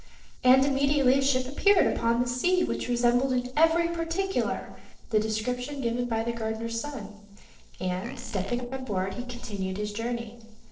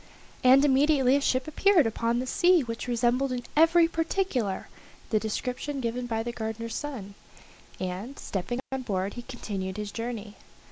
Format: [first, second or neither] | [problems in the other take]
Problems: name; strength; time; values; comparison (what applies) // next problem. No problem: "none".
second | noise reduction (neural separator model SepFormer DNS4)